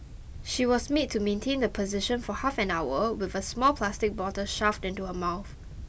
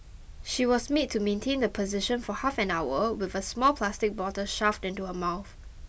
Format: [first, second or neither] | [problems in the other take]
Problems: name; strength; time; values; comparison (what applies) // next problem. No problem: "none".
second | background sound (Animal); 15 dB below the speech